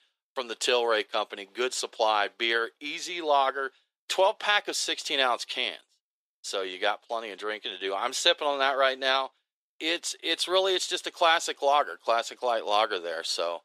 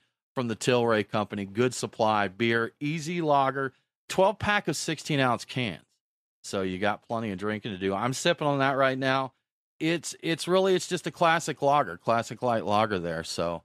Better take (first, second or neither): second